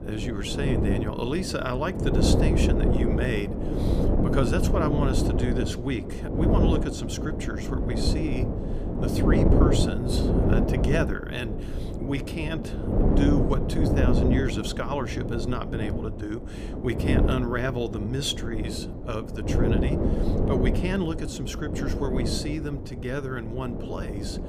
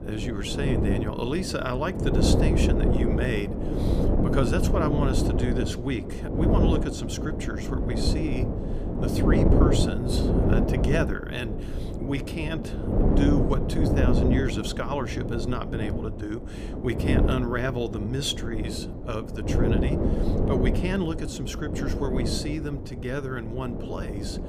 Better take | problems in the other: neither | wind noise on the microphone; heavy; as loud as the speech; the same in both

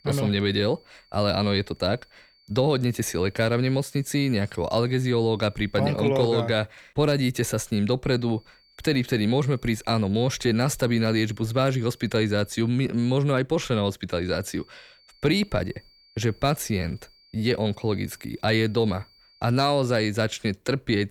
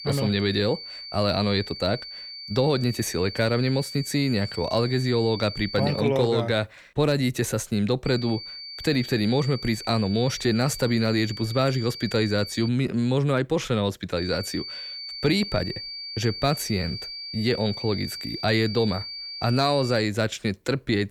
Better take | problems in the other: first | high-pitched whine; loud; until 6 s, from 8 to 13 s and from 14 to 20 s; 4.5 kHz, 10 dB below the speech; faint in the first

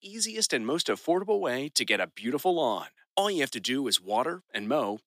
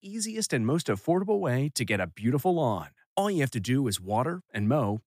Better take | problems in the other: second | thin; somewhat; fading below 300 Hz

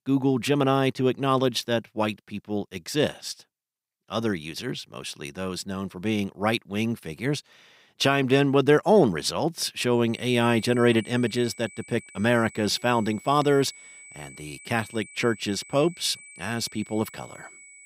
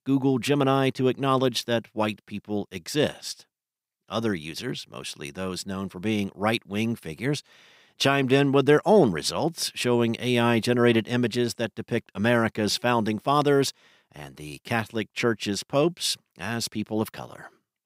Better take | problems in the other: second | high-pitched whine; noticeable; from 10 s on; 2.5 kHz, 20 dB below the speech

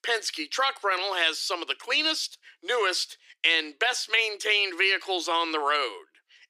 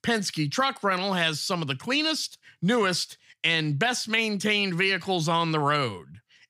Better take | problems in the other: second | thin; very; fading below 300 Hz

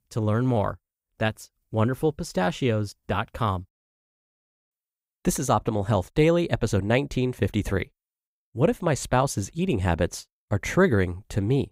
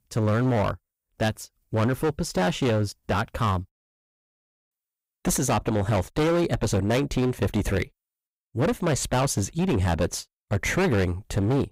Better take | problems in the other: first | distortion; heavy; 15% of the sound clipped

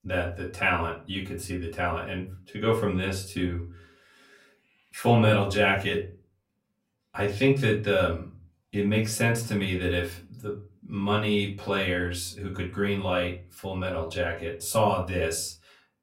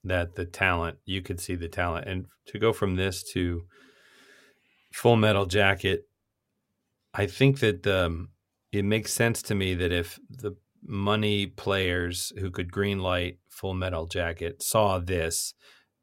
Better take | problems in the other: second | off-mic speech; far // room echo; very slight; dies away in 0.3 s

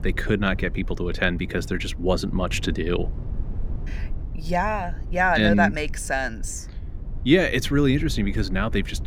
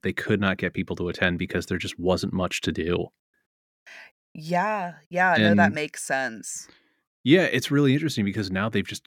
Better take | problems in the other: second | low rumble; faint; throughout; 25 dB below the speech

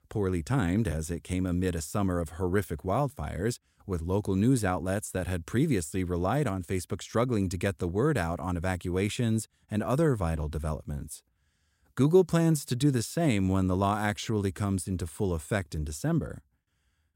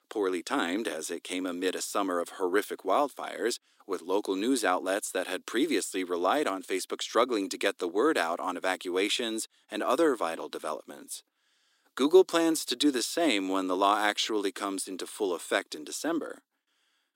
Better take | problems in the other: first | thin; somewhat; fading below 300 Hz

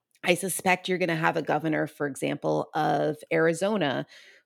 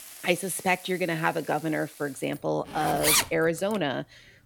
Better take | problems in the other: first | household noises; very loud; throughout; 3 dB above the speech

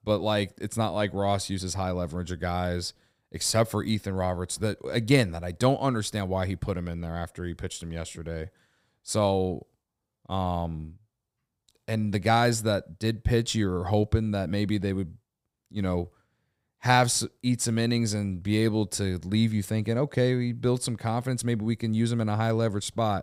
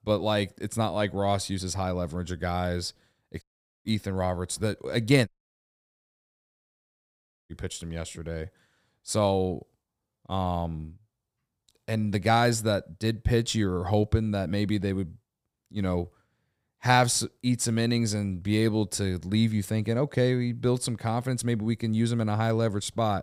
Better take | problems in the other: first | audio cutting out; at 3.5 s and at 5.5 s for 2 s

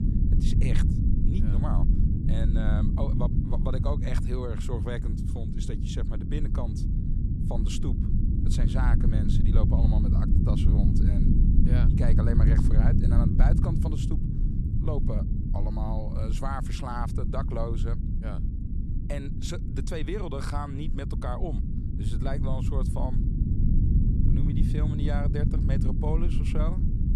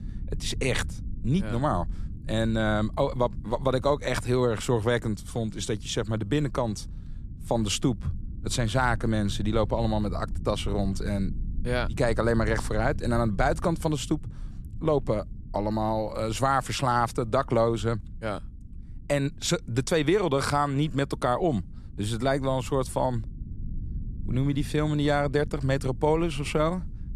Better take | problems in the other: second | low rumble; loud; throughout; 1 dB below the speech; faint in the second

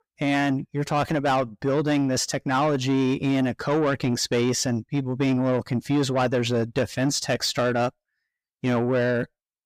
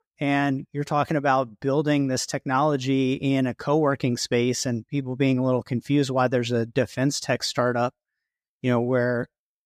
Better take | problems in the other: second | distortion; slight; 10 dB below the speech

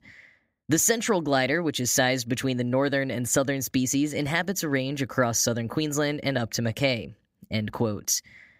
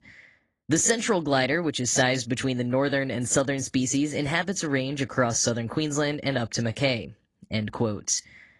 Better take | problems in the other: first | garbled, watery; slightly; nothing above 10 kHz

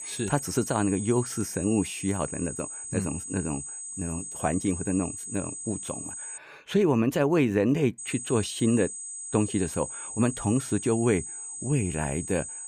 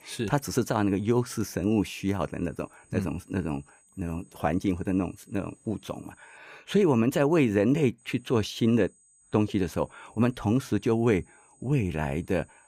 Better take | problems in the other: second | high-pitched whine; loud; until 6.5 s and from 8 s on; 8 kHz, 7 dB below the speech; faint in the second

